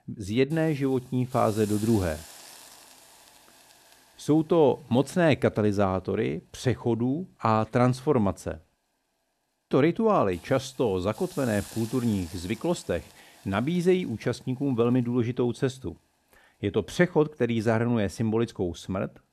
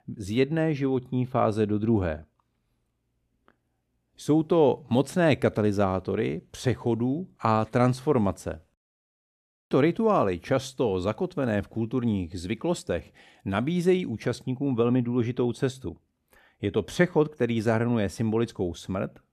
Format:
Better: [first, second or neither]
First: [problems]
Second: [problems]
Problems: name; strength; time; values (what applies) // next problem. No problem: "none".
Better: second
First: hiss; faint; throughout; 20 dB below the speech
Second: none